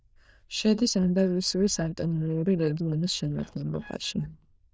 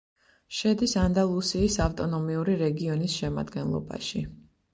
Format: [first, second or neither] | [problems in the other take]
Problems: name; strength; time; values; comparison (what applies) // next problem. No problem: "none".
second | noise reduction (neural diffusion model UNIVERSE++)